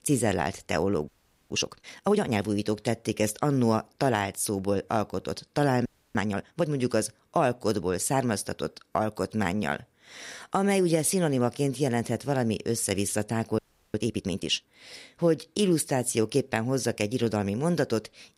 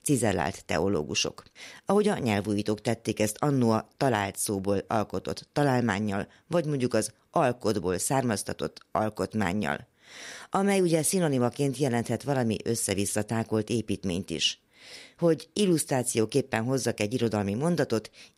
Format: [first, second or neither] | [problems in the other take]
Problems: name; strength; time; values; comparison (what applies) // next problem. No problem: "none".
second | audio freezing; at 1 s, at 6 s and at 14 s